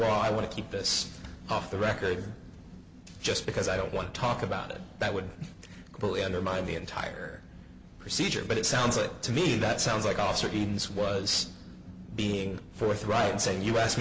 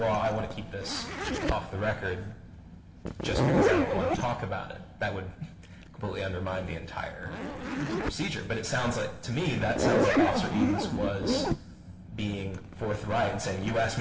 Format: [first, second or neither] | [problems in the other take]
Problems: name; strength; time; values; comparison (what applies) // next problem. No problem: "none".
first | background sound (Zipper (clothing)); as loud as the speech // room echo; dies away in 0.7 s